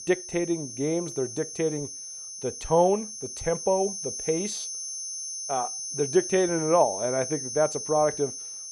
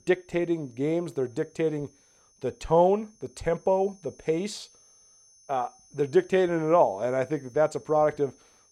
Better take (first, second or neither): second